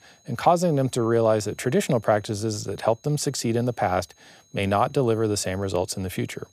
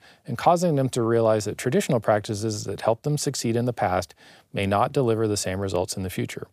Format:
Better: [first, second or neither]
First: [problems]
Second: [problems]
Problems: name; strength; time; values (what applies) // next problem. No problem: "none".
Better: second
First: high-pitched whine; faint; throughout; 6.5 kHz, 35 dB below the speech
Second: none